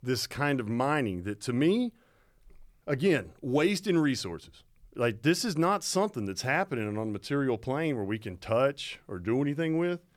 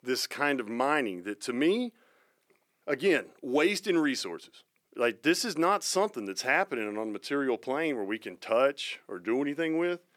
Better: first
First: none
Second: thin; very slightly; fading below 250 Hz

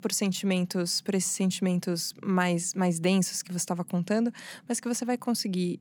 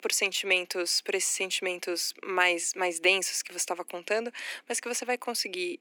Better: first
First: none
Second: thin; very; fading below 300 Hz

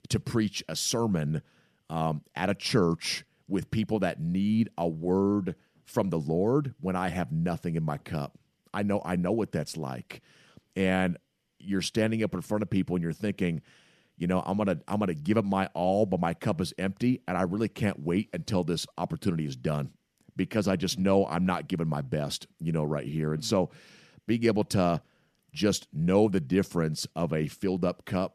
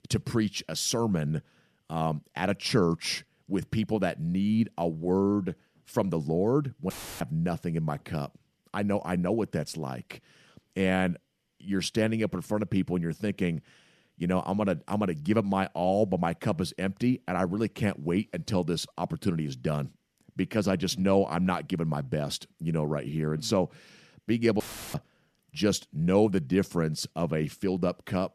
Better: first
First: none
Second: audio cutting out; filled with static; at 7 s and at 25 s

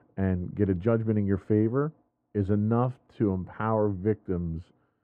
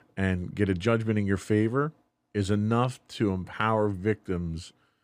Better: second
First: muffled; very; fading above 2 kHz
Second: none

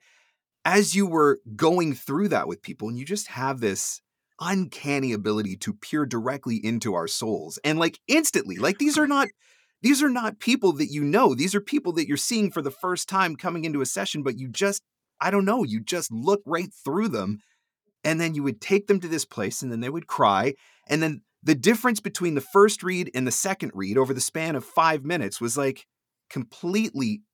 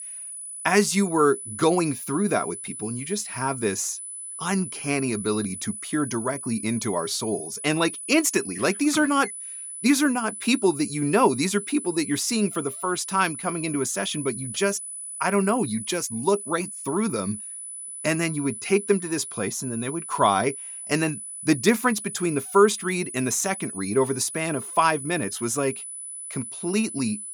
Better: first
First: none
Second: high-pitched whine; loud; throughout; 10 kHz, 9 dB below the speech

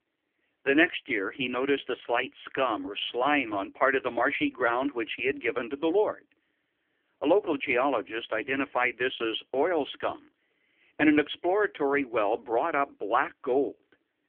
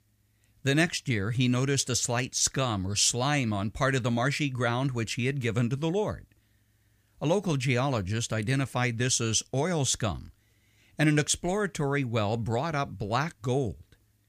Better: second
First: phone-call audio; poor line; nothing above 3.5 kHz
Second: none

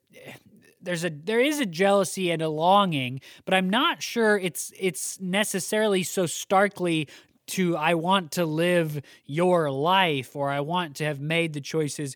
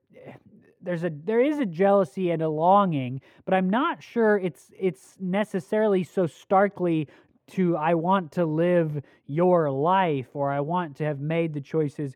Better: first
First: none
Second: muffled; very; fading above 2.5 kHz

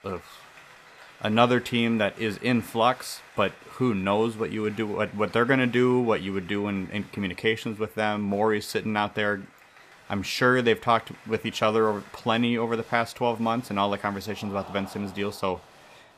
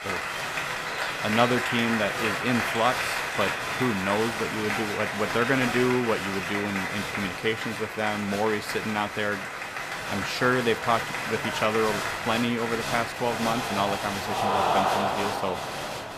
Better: first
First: crowd noise; faint; throughout; 20 dB below the speech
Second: crowd noise; loud; throughout; 1 dB below the speech

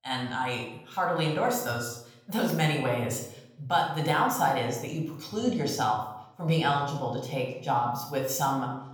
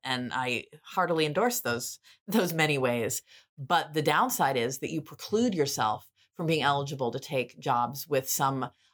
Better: second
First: off-mic speech; somewhat distant // room echo; noticeable; dies away in 0.6 s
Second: none

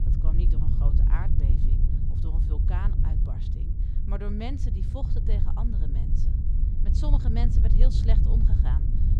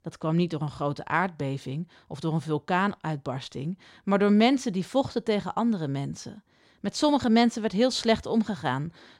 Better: second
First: low rumble; loud; throughout; 1 dB below the speech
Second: none

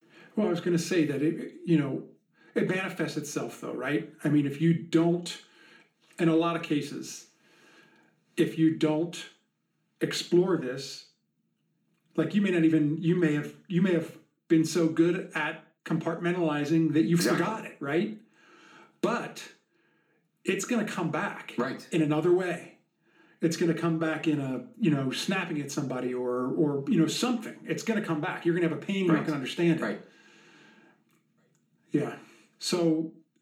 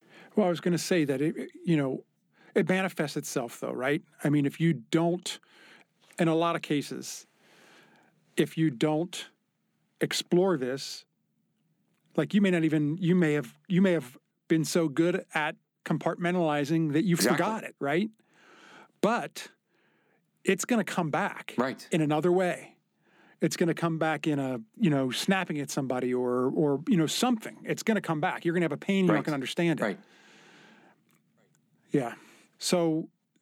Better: second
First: room echo; very slight; dies away in 0.4 s // off-mic speech; somewhat distant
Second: none

